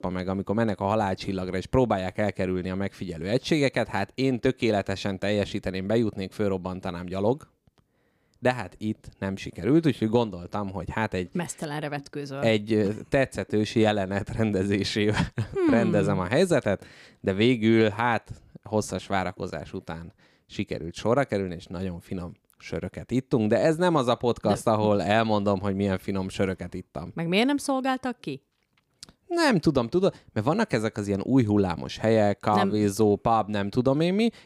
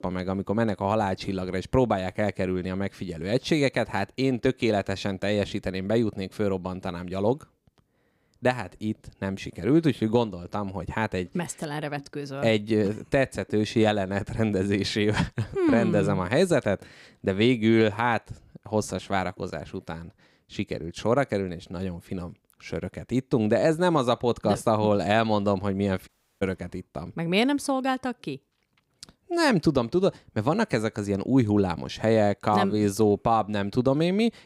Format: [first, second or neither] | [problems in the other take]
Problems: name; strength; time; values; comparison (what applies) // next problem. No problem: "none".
first | audio cutting out; at 26 s